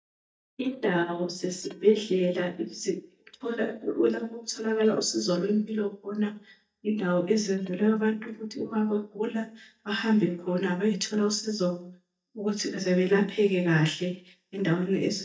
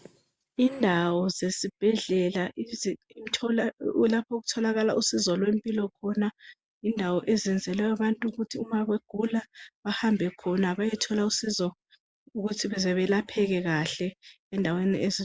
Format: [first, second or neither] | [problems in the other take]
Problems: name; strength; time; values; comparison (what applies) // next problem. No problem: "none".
second | noise reduction (neural mask model DeepFilterNet 3)